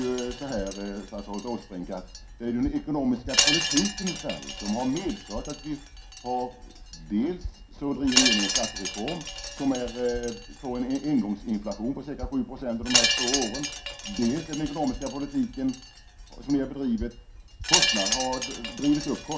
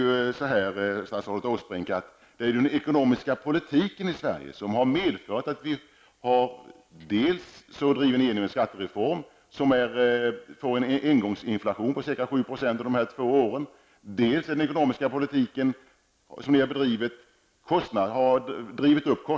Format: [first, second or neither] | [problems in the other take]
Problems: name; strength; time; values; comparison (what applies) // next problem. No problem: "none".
second | background sound (Wind chime); 1 dB below the speech // room echo; dies away in 0.3 s